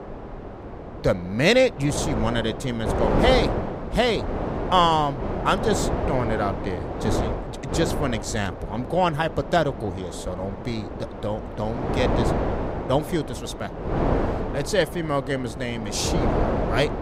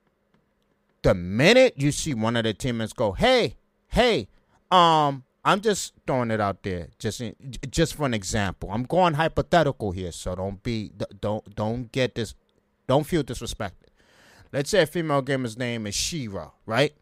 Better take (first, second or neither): second